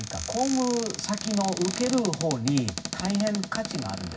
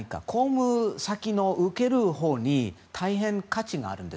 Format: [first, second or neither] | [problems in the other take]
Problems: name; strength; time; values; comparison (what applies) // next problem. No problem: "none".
second | background sound (Cupboard open or close); 7 dB below the speech // room echo; dies away in 0.4 s